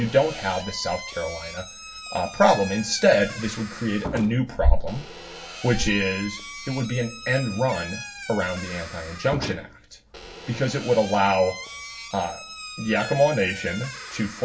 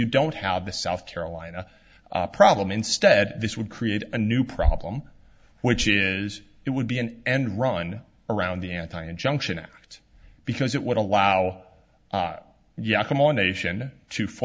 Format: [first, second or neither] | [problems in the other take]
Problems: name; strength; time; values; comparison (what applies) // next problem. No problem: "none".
second | background sound (Squeak / Slam); 13 dB below the speech // room echo; dies away in 0.2 s